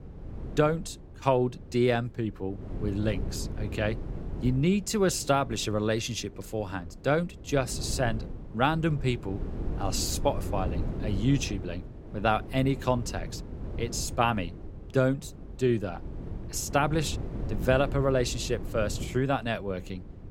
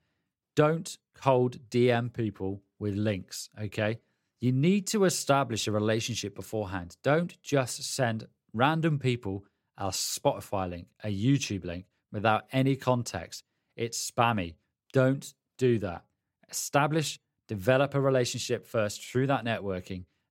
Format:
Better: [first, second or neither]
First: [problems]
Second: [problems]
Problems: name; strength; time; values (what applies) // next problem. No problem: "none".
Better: second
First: wind noise on the microphone; occasional gusts; 15 dB below the speech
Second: none